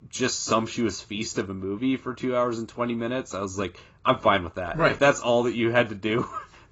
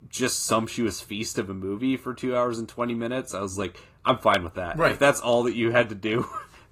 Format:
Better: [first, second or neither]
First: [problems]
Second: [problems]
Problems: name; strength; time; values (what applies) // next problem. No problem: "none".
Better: second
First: garbled, watery; badly; nothing above 7 kHz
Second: garbled, watery; slightly